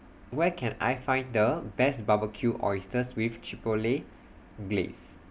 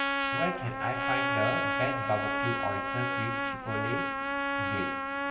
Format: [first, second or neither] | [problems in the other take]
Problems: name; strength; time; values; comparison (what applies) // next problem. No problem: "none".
first | background sound (Trumpet); 4 dB above the speech // room echo; dies away in 1.2 s